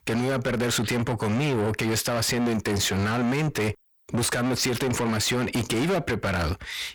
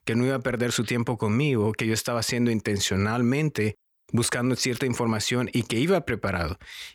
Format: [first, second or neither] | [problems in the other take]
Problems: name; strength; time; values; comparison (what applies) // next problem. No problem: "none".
second | distortion; heavy; 6 dB below the speech